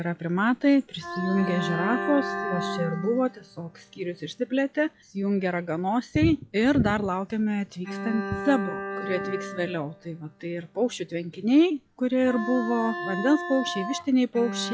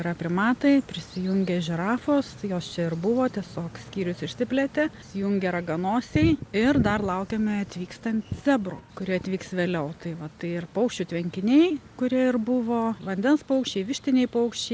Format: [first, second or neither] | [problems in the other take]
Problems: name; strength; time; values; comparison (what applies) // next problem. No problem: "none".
second | noise reduction (classical method log-MMSE)